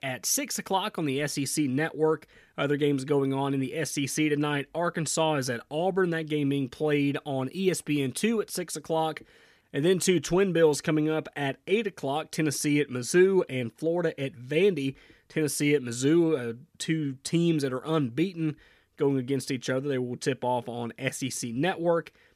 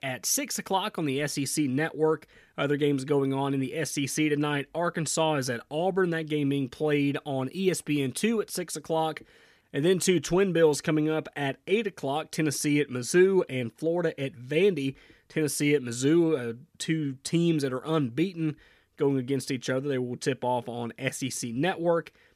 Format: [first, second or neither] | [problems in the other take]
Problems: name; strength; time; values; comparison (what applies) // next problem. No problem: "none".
neither | none